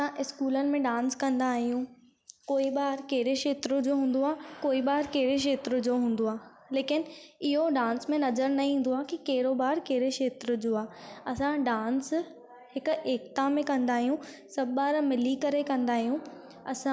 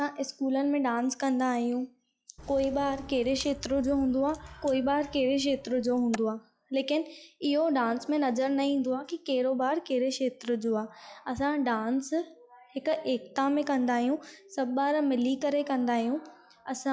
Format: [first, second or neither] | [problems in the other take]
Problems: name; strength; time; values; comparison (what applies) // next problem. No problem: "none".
first | noise reduction (classical method log-MMSE)